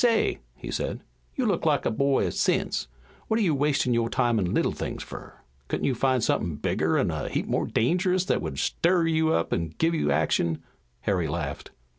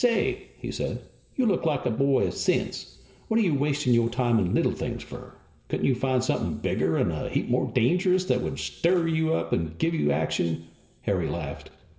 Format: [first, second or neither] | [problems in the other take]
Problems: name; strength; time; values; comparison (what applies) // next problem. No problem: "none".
first | room echo; dies away in 2.1 s